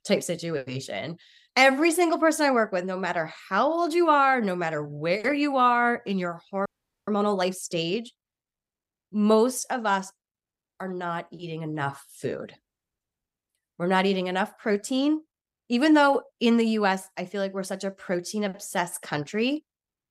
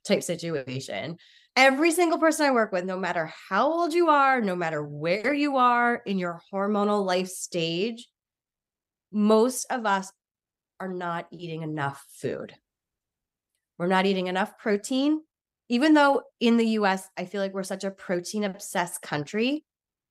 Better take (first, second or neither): second